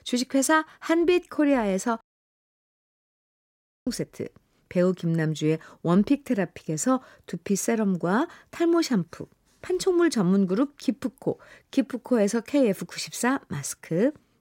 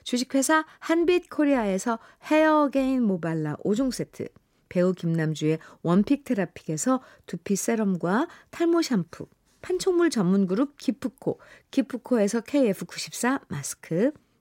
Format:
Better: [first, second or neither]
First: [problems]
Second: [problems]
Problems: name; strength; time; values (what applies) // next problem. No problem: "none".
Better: second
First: audio cutting out; at 2 s for 2 s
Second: none